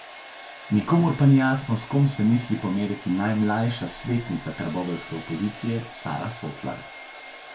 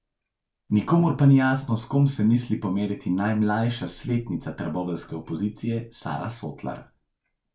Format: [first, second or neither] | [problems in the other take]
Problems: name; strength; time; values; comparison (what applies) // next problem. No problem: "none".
second | background sound (Domestic sounds, home sounds); 17 dB below the speech